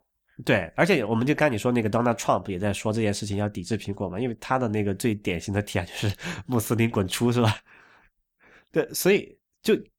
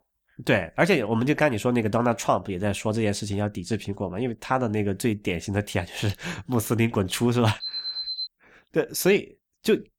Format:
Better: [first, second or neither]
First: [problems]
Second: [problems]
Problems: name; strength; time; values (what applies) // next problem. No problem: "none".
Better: first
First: none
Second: alarm; noticeable; at 7.5 s; peak 3 dB below the speech